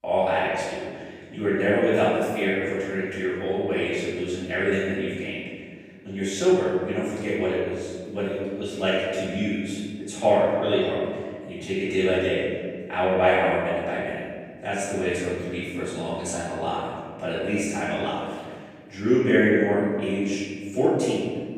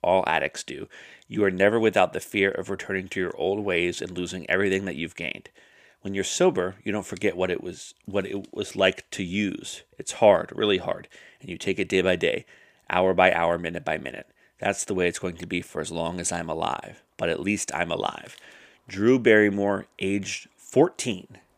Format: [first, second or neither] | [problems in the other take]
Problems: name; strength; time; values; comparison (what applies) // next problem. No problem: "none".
second | off-mic speech; far // room echo; strong; dies away in 1.8 s